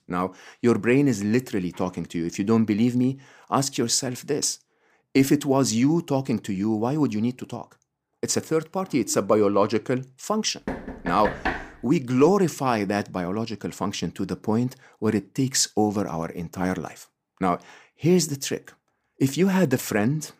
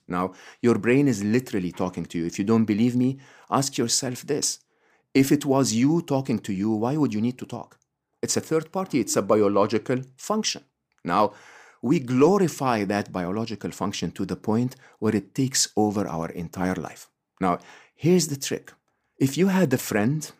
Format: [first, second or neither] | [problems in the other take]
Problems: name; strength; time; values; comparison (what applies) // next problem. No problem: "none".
second | door banging; noticeable; at 11 s; peak 4 dB below the speech